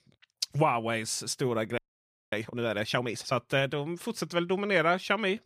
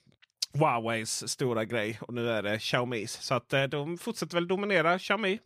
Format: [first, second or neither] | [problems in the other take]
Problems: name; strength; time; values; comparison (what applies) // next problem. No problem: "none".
second | audio freezing; at 2 s for 0.5 s